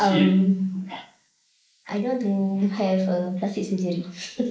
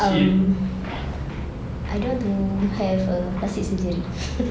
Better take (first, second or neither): second